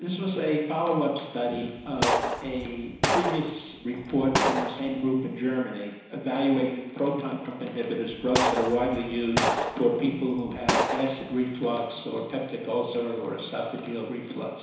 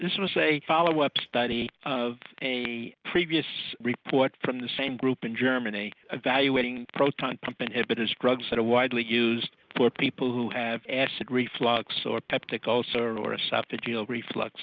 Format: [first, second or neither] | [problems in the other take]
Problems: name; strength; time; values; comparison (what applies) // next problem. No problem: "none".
second | background sound (Gunshot, gunfire); 1 dB below the speech // room echo; dies away in 1 s